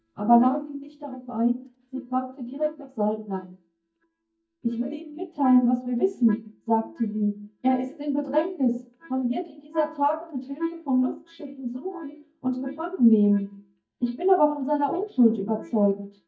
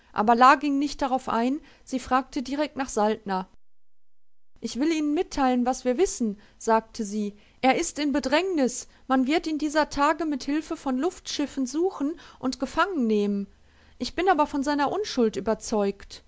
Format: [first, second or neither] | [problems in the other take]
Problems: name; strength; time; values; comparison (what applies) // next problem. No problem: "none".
second | noise reduction (neural mask model DeepFilterNet 3)